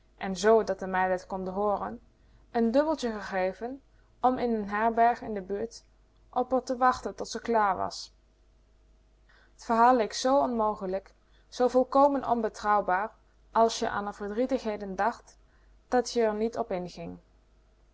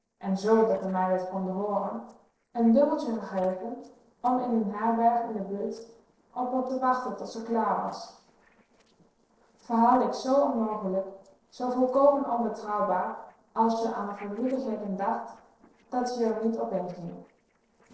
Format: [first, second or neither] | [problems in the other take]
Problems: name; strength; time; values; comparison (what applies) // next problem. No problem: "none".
first | noise reduction (neural separator model SepFormer DNS4)